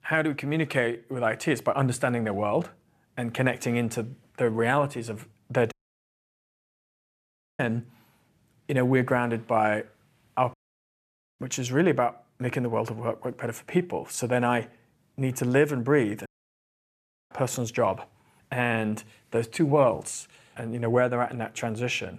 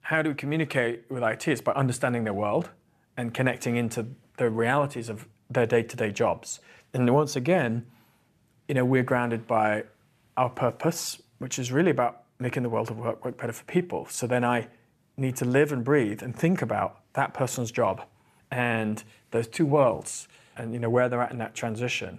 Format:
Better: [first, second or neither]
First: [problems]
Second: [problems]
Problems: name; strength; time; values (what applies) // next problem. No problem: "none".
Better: second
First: audio cutting out; at 5.5 s for 2 s, at 11 s for 1 s and at 16 s for 1 s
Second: none